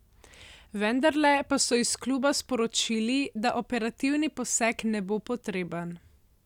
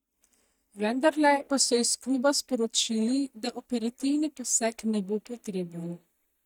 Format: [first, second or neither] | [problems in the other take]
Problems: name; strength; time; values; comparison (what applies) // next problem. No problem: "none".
first | noise reduction (neural mask model DeepFilterNet 3)